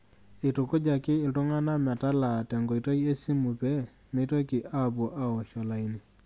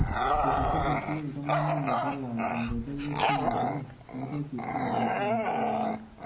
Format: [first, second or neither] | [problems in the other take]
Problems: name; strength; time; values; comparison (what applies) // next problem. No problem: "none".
first | background sound (Bark / Growling); 5 dB above the speech // room echo; dies away in 0.5 s